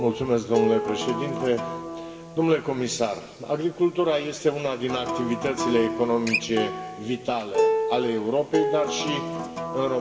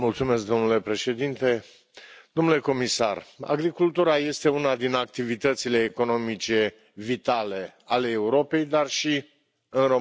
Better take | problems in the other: second | background sound (Acoustic guitar); 4 dB below the speech // room echo; dies away in 2 s

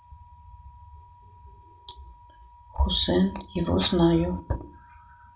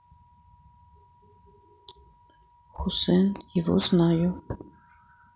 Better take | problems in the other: second | room echo; dies away in 0.2 s

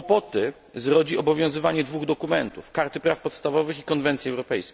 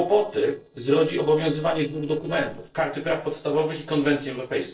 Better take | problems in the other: first | noise reduction (neural separator model SepFormer DNS4)

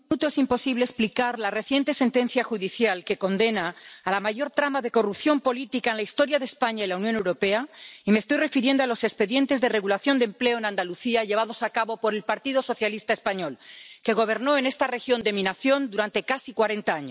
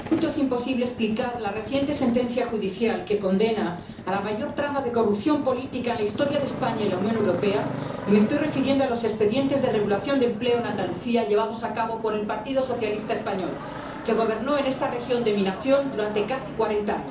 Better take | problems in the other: first | background sound (Motorcycle); 11 dB below the speech // room echo; dies away in 0.8 s

